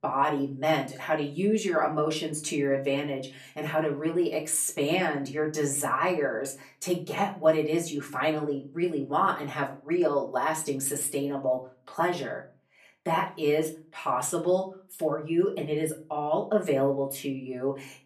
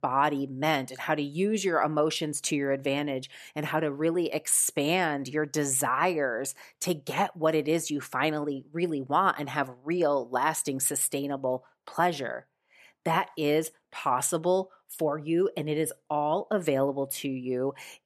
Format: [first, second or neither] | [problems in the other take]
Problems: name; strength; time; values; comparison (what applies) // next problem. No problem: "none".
second | off-mic speech; far // room echo; very slight; dies away in 0.3 s